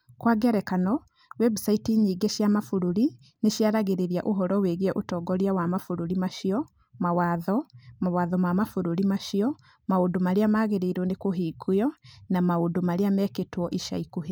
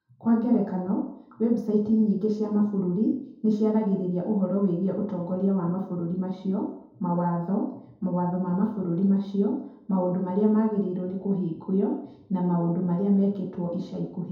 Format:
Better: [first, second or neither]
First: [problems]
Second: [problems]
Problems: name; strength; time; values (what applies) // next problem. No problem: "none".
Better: first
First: none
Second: room echo; dies away in 0.8 s